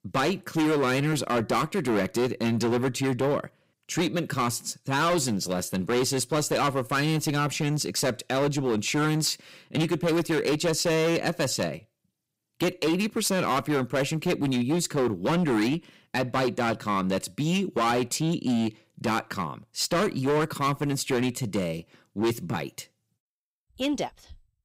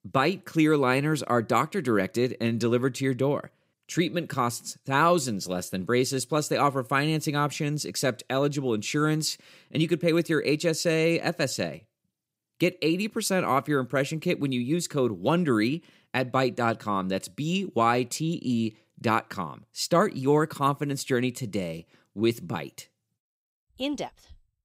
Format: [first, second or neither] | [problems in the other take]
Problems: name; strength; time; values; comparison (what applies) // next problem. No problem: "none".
second | distortion; heavy; 14% of the sound clipped